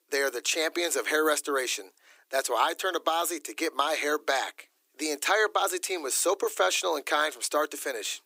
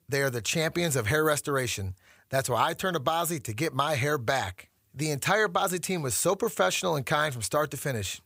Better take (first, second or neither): second